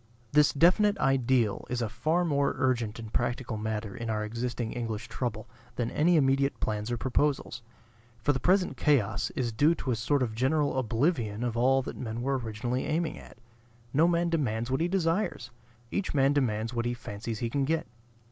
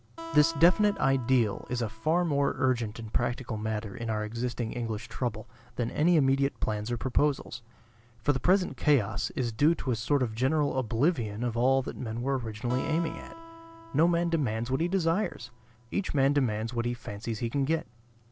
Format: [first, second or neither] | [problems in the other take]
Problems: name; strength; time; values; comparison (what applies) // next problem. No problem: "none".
first | background sound (Acoustic guitar); 18 dB below the speech